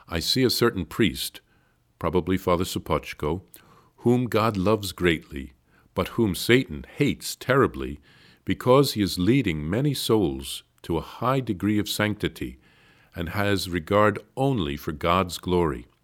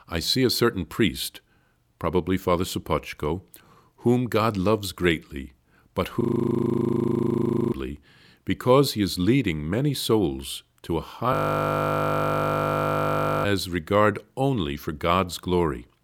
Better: first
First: none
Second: audio freezing; at 6 s for 1.5 s and at 11 s for 2 s

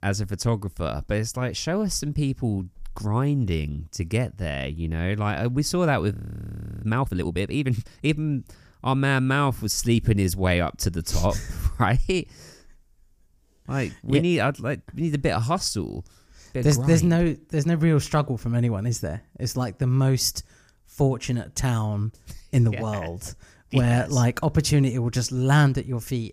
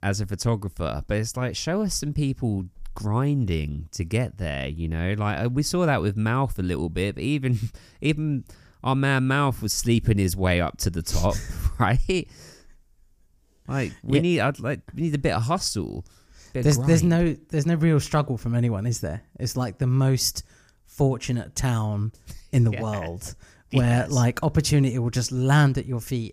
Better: second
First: audio freezing; at 6 s for 0.5 s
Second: none

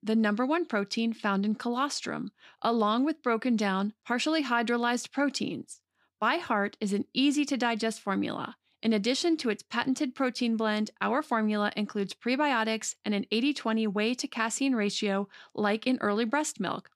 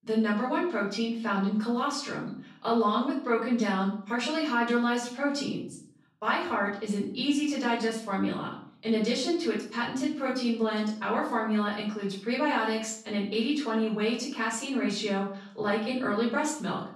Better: first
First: none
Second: off-mic speech; far // room echo; noticeable; dies away in 0.5 s

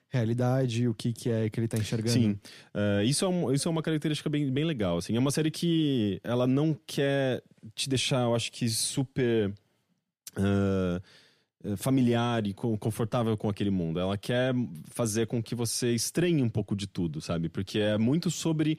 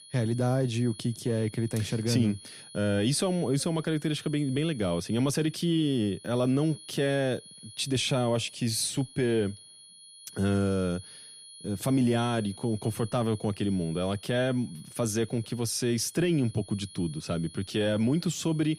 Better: first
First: none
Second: high-pitched whine; noticeable; throughout; 10.5 kHz, 20 dB below the speech

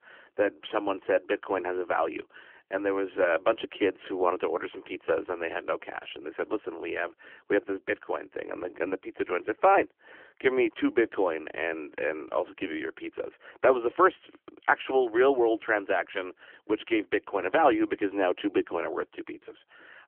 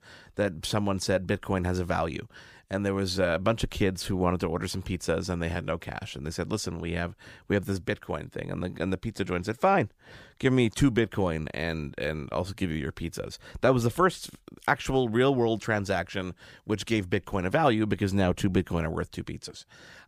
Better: second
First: phone-call audio; nothing above 3 kHz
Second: none

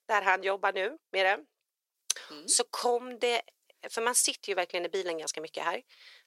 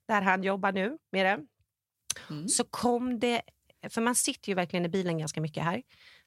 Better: second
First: thin; very; fading below 400 Hz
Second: none

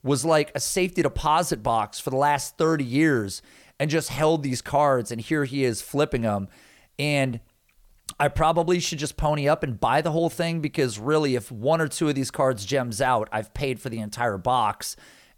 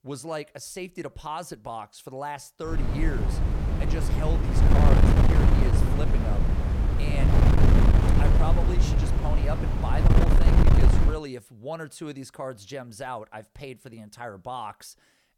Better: first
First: none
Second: wind noise on the microphone; heavy; from 2.5 to 11 s; 3 dB above the speech

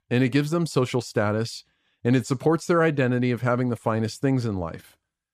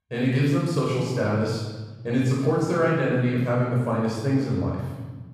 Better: first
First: none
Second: off-mic speech; far // room echo; strong; dies away in 1.2 s

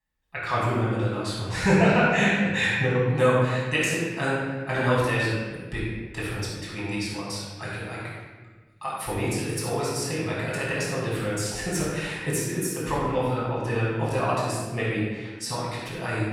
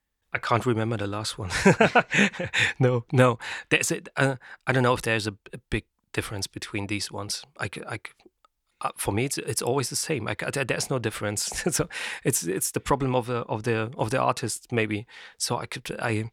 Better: second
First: off-mic speech; far // room echo; strong; dies away in 1.3 s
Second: none

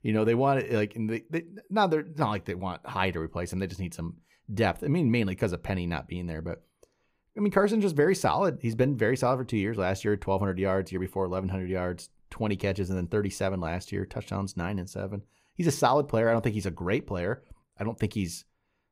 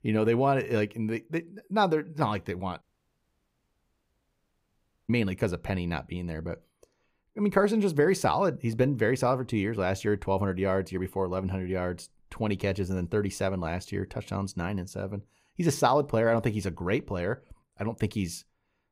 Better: first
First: none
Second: audio cutting out; at 3 s for 2.5 s

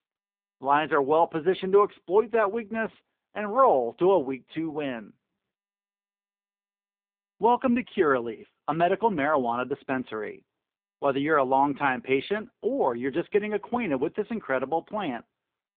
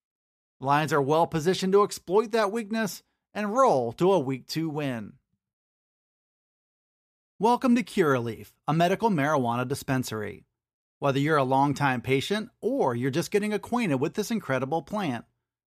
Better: second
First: phone-call audio; poor line; nothing above 3.5 kHz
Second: none

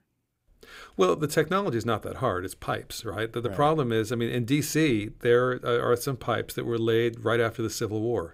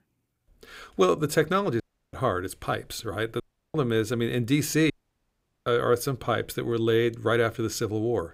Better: first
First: none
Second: audio cutting out; at 2 s, at 3.5 s and at 5 s for 1 s

